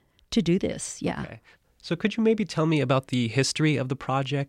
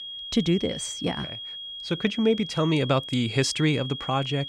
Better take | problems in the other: first | high-pitched whine; loud; throughout; 3.5 kHz, 9 dB below the speech

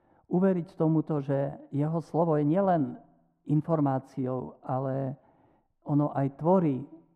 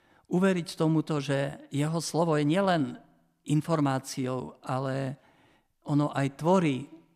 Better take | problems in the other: second | muffled; very; fading above 2 kHz

